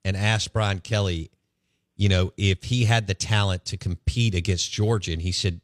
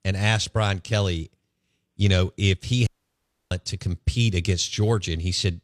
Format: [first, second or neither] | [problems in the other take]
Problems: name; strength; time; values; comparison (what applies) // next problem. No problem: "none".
first | audio cutting out; at 3 s for 0.5 s